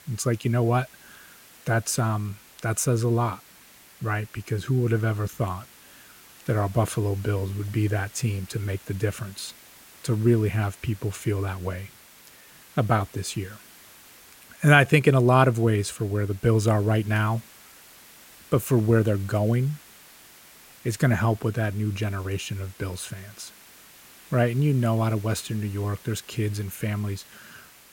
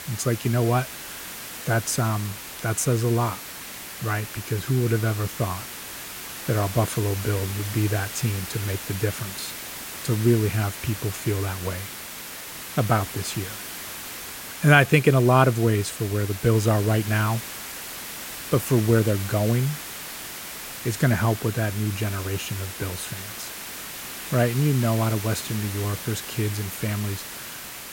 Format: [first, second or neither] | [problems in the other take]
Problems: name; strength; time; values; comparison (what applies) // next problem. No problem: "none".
first | hiss; loud; throughout; 9 dB below the speech; faint in the first